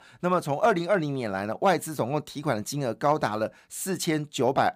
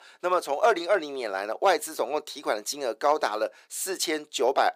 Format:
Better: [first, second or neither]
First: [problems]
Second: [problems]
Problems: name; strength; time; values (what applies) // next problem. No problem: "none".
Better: first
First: none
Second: thin; very; fading below 400 Hz